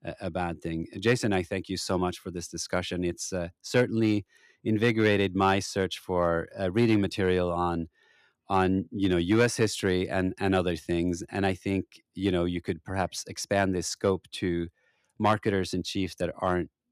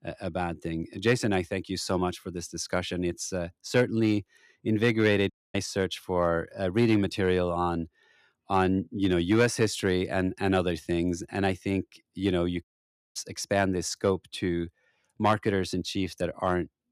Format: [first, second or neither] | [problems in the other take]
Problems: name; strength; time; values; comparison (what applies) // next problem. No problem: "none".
first | audio cutting out; at 5.5 s and at 13 s for 0.5 s